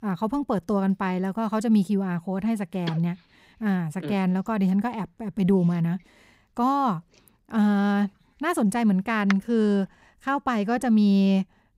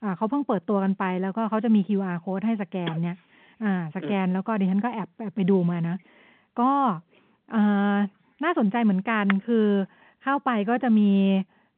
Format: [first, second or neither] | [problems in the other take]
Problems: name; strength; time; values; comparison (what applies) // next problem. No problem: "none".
first | phone-call audio